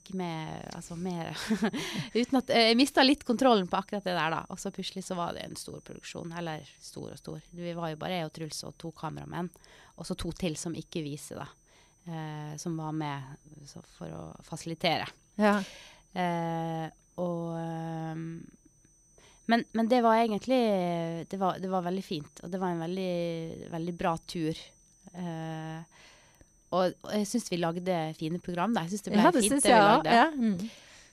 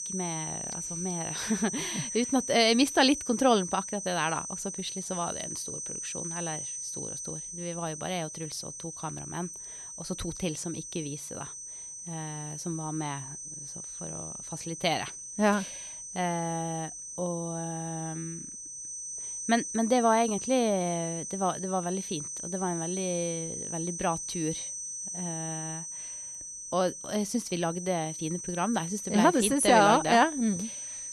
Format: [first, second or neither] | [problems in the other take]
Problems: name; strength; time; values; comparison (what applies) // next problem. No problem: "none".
first | high-pitched whine; loud; throughout; 6 kHz, 7 dB below the speech; faint in the first